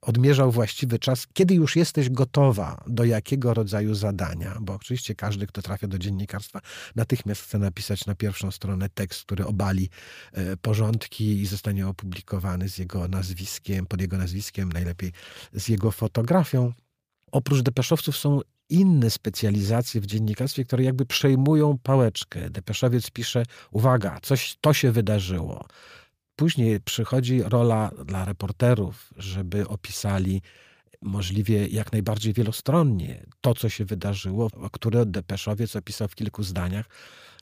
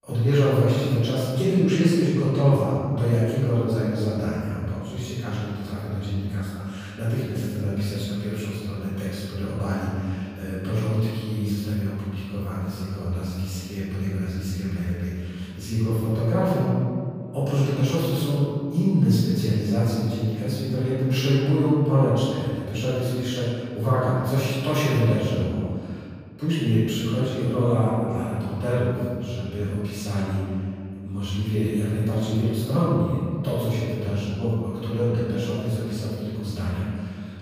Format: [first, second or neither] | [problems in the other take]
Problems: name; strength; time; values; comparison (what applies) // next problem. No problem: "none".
first | off-mic speech; far // room echo; strong; dies away in 2.1 s